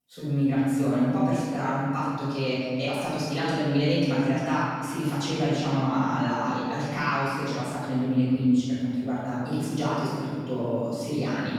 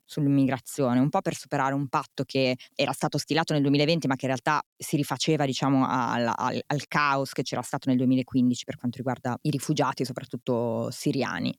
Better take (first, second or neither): second